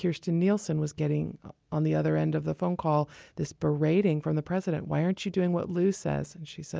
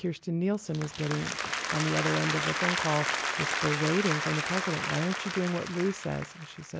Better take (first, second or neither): first